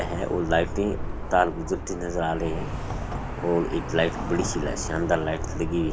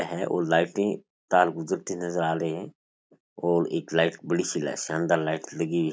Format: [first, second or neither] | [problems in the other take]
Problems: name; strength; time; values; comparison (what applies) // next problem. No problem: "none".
second | background sound (Traffic noise, roadway noise); 4 dB below the speech